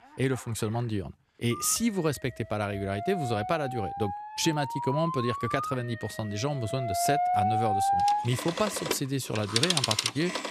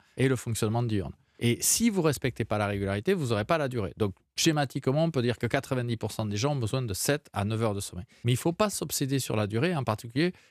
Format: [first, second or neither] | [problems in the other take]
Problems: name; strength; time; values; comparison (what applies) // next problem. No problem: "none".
second | alarms or sirens; very loud; throughout; as loud as the speech